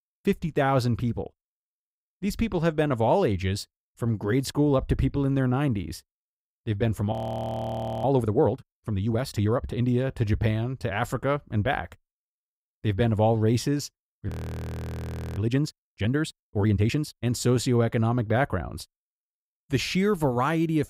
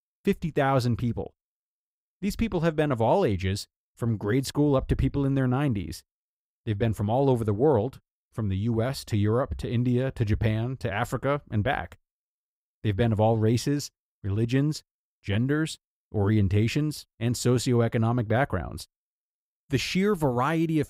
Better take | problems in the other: second | audio freezing; at 7 s for 1 s and at 14 s for 1 s

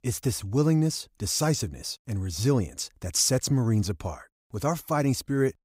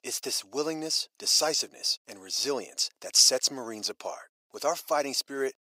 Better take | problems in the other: first | thin; very; fading below 400 Hz

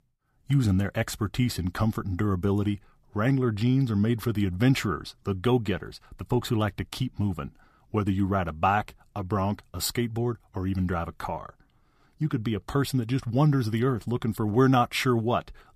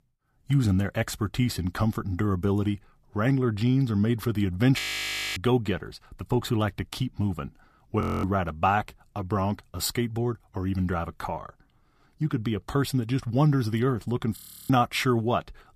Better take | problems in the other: first | audio freezing; at 5 s for 0.5 s, at 8 s and at 14 s

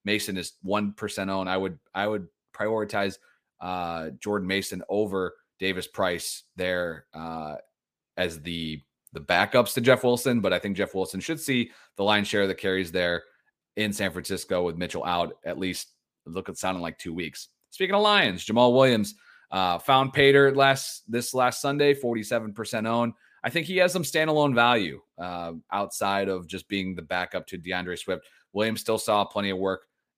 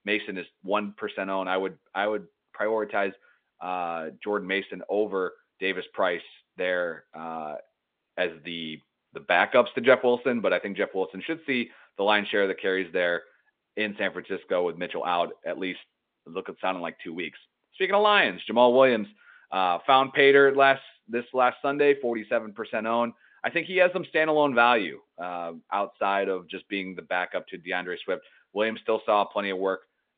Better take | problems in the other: first | phone-call audio; nothing above 3.5 kHz

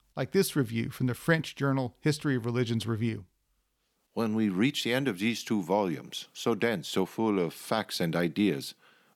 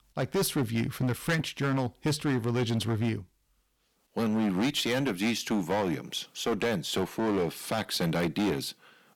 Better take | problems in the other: first | distortion; heavy; 13% of the sound clipped

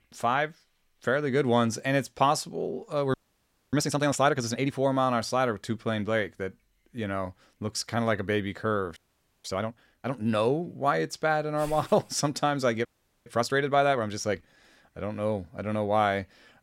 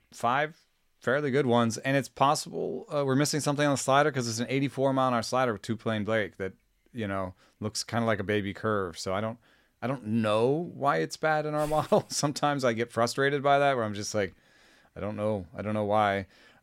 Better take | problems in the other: second | audio freezing; at 3 s for 0.5 s, at 9 s and at 13 s

